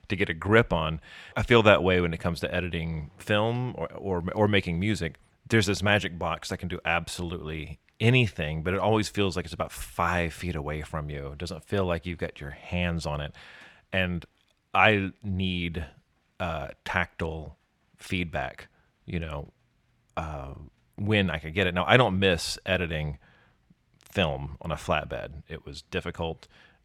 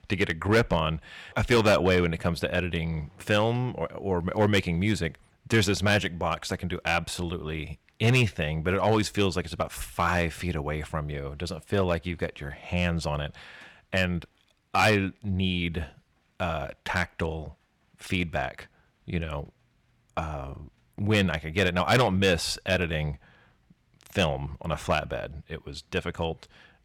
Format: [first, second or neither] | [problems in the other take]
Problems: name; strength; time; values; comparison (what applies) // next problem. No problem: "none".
first | distortion; slight; 1.9% of the sound clipped